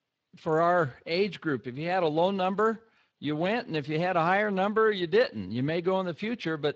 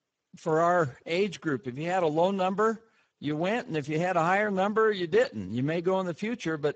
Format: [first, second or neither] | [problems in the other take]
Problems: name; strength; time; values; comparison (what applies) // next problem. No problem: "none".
first | garbled, watery; badly; nothing above 7.5 kHz; slightly in the first